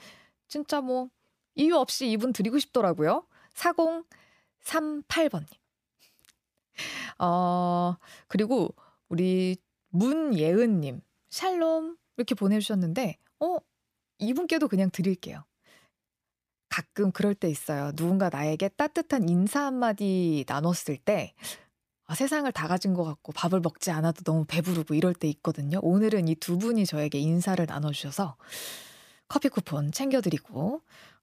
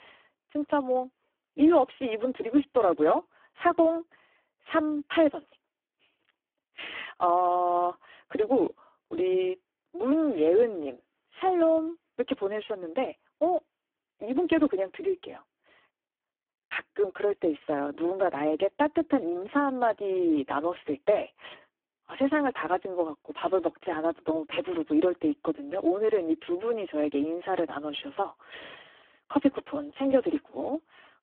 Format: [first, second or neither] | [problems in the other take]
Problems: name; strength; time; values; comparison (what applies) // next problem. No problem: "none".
first | phone-call audio; poor line